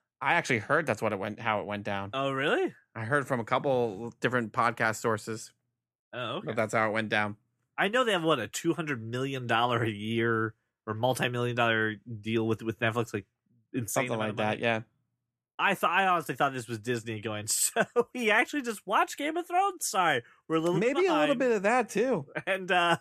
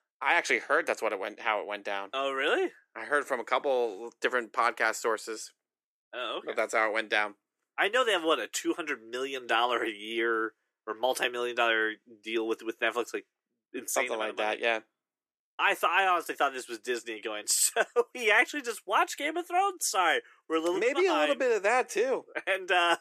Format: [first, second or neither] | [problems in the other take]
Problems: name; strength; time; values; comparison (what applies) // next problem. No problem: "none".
first | thin; somewhat; fading below 350 Hz